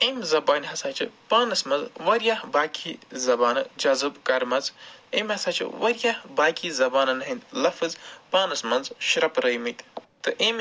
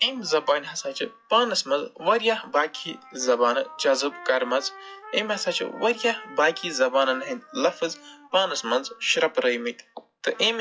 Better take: first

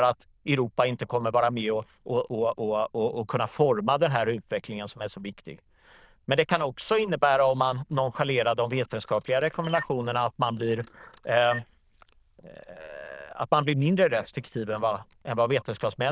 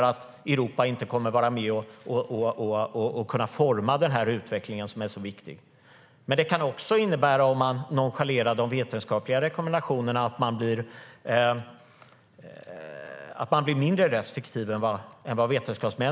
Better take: second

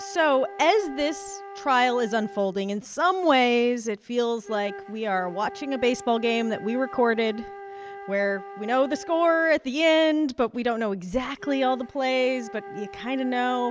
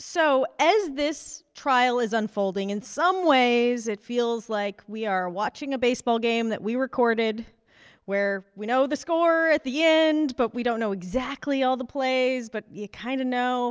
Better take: second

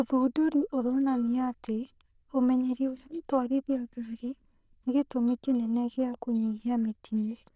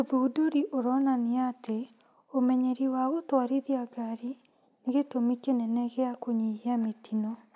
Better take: second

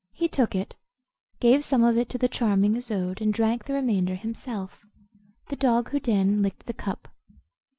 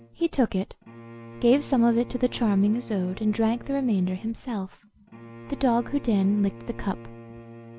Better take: first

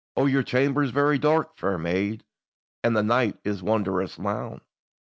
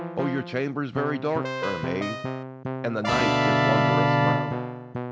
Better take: first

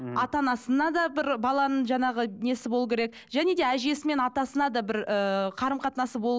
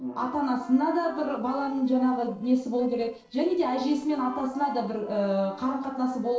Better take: first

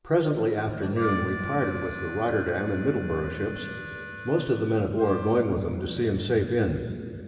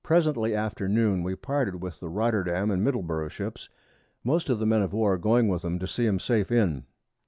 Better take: second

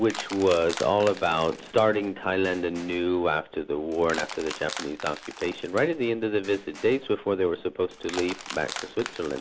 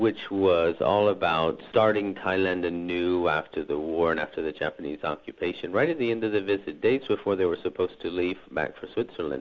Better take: second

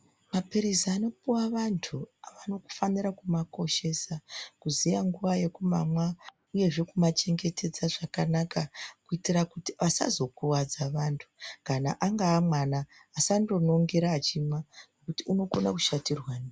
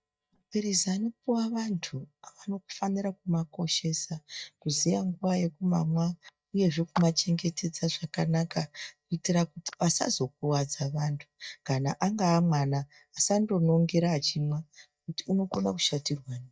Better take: first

